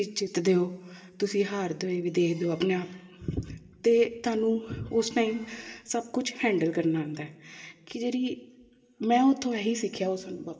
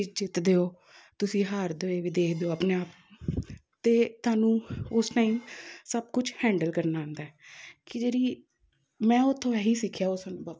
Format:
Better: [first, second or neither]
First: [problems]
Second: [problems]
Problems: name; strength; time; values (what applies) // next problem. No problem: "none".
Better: second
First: room echo; dies away in 1.8 s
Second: none